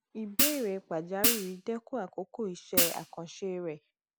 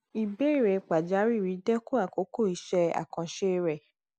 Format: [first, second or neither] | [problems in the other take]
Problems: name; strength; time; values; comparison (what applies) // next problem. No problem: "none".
second | background sound (Hi-hat); 5 dB above the speech